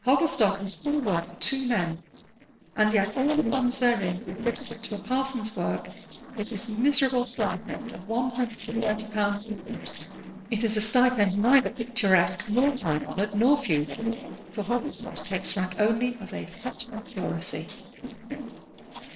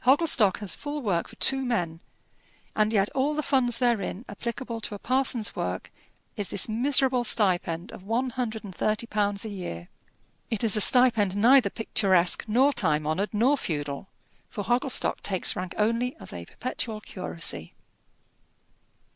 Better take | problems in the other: second | noise reduction (neural separator model SepFormer DNS4)

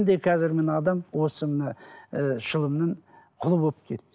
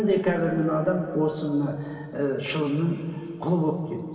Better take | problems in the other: first | room echo; dies away in 2.5 s

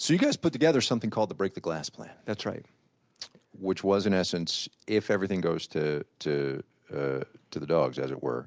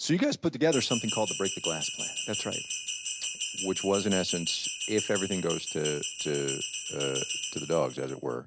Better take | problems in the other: first | background sound (Bell); 4 dB below the speech

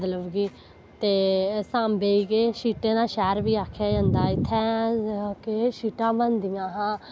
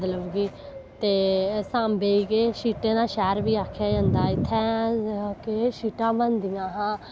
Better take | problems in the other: first | background sound (Wind); 17 dB below the speech

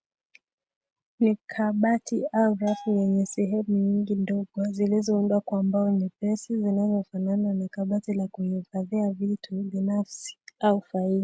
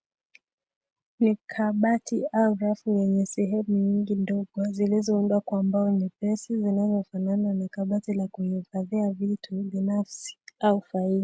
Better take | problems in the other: second | background sound (Bell); 20 dB below the speech

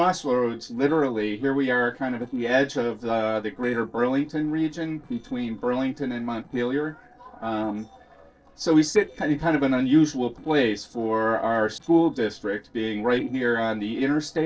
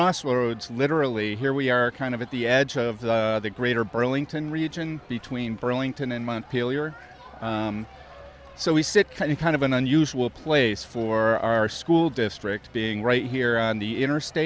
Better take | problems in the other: second | noise reduction (neural separator model SepFormer DNS4)

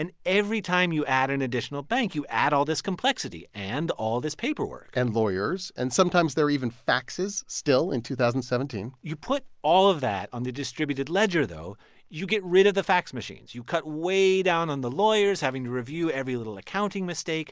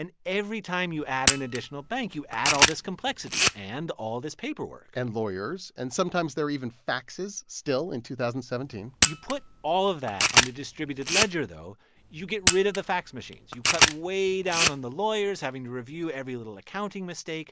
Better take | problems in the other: first | background sound (Camera); 3 dB above the speech

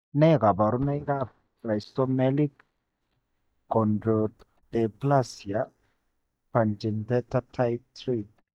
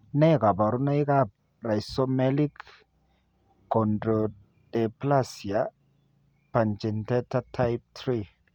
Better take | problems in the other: second | noise reduction (neural mask model DeepFilterNet 3)

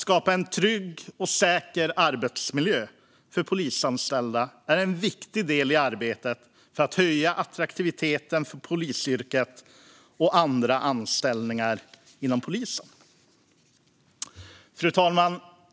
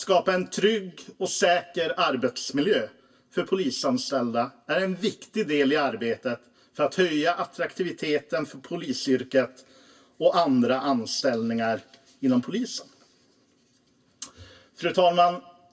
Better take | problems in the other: first | room echo; dies away in 0.1 s

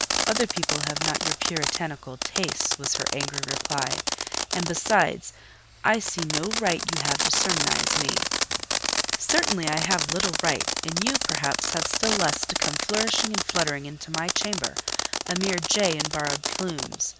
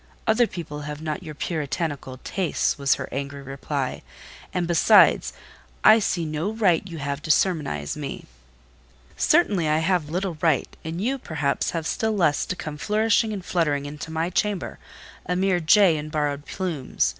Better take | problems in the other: second | background sound (Fireworks); 1 dB above the speech

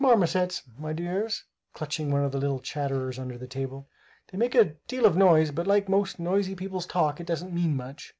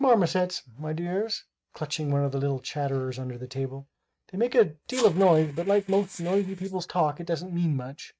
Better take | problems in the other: first | noise reduction (neural mask model RNNoise)

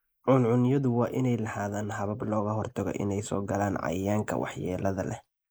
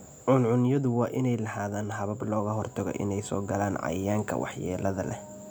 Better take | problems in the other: second | noise reduction (neural mask model Resemble Enhance denoiser)

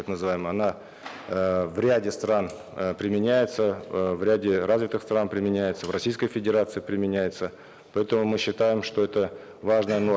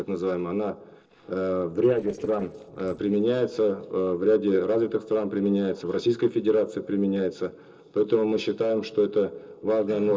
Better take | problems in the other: first | noise reduction (neural separator model SepFormer DNS4)

